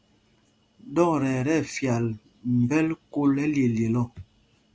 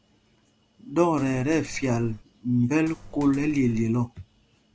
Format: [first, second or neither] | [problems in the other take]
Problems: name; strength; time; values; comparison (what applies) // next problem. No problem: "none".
first | background sound (Coin (dropping)); 15 dB below the speech